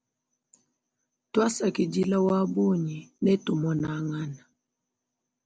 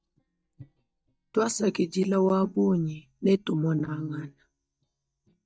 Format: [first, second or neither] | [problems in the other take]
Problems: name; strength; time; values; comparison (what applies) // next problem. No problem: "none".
first | noise reduction (neural mask model DeepFilterNet 3)